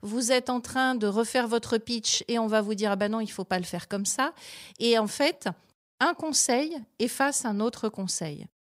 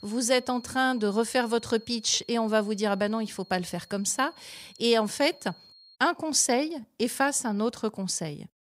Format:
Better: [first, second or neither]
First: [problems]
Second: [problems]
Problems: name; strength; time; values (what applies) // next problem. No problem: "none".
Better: first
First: none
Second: high-pitched whine; faint; until 6 s; 4.5 kHz, 25 dB below the speech